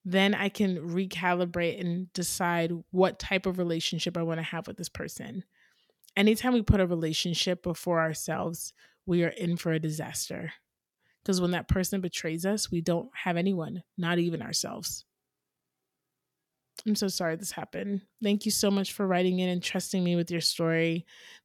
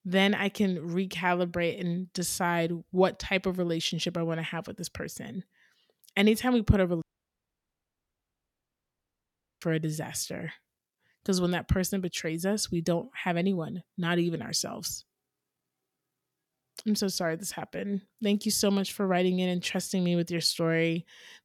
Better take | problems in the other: first | audio cutting out; at 7 s for 2.5 s

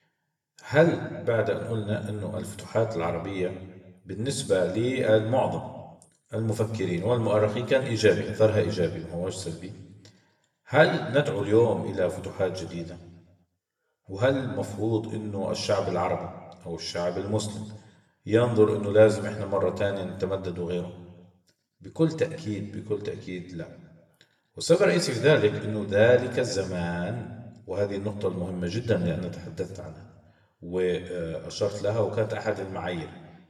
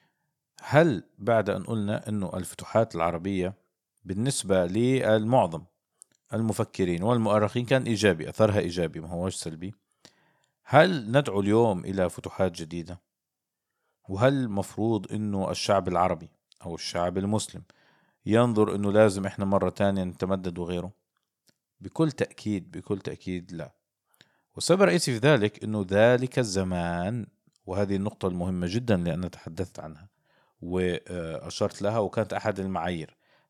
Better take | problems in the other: second | room echo; slight; dies away in 1.1 s // off-mic speech; somewhat distant

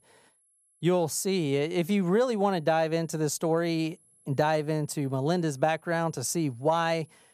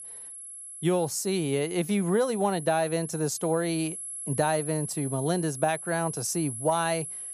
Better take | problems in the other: first | high-pitched whine; loud; throughout; 11 kHz, 9 dB below the speech; faint in the first

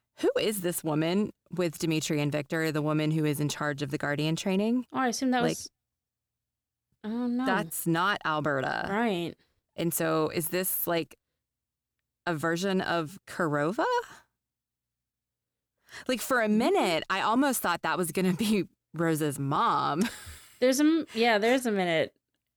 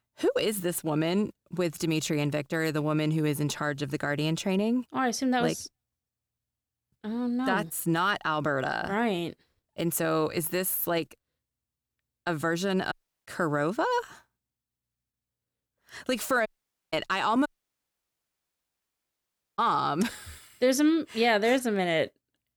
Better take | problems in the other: first | audio cutting out; at 13 s, at 16 s and at 17 s for 2 s

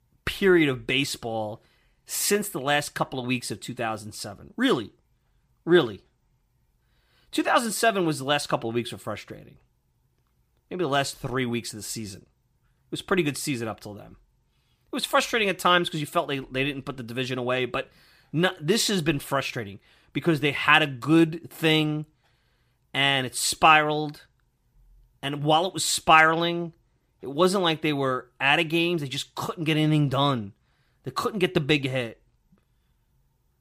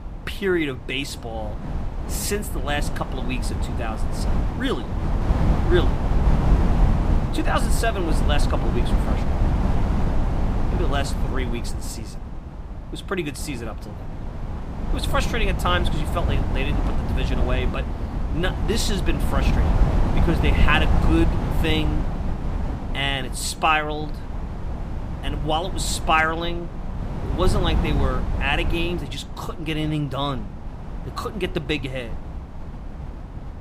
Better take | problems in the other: first | wind noise on the microphone; heavy; 7 dB below the speech

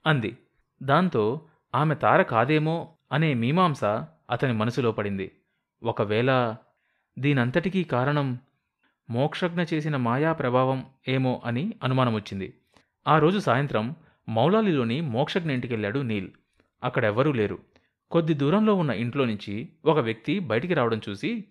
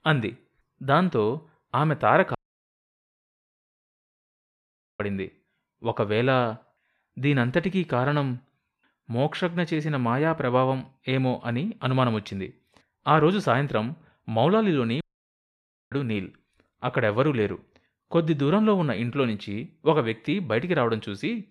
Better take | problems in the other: first | audio cutting out; at 2.5 s for 2.5 s and at 15 s for 1 s

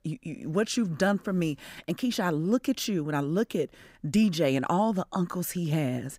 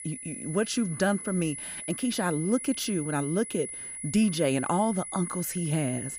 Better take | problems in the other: first | high-pitched whine; loud; throughout; 10 kHz, 7 dB below the speech

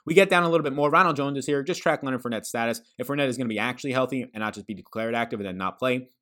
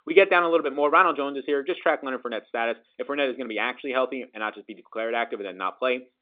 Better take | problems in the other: first | phone-call audio

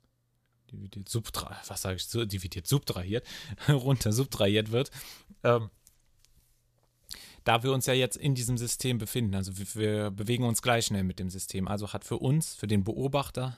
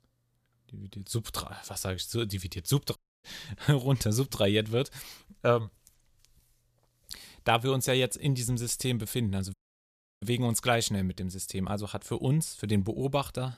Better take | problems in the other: first | audio cutting out; at 3 s and at 9.5 s for 0.5 s

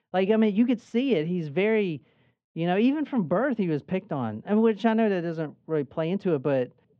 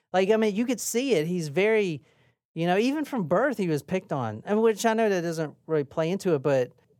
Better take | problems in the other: second | muffled; very; fading above 3.5 kHz

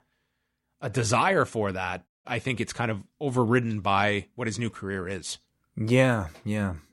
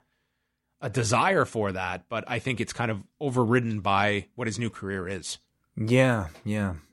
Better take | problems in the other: second | audio cutting out; at 2 s

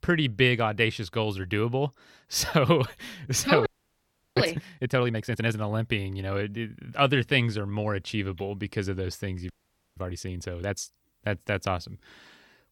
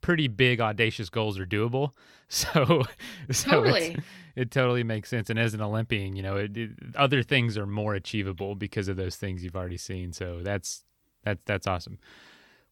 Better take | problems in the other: second | audio freezing; at 3.5 s for 0.5 s and at 9.5 s

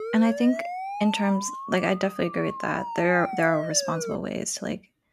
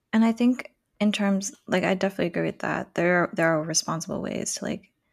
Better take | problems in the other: second | siren; noticeable; until 4 s; peak 7 dB below the speech

